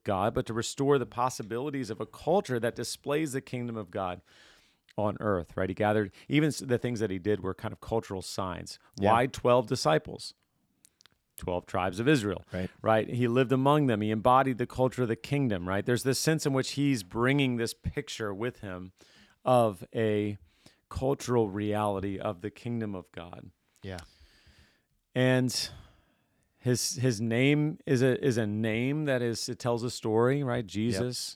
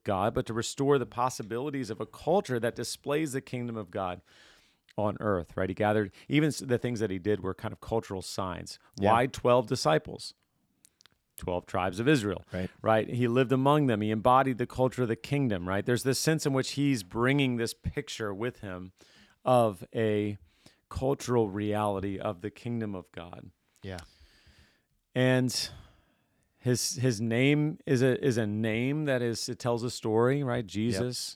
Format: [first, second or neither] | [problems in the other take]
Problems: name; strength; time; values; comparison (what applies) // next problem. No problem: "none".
neither | none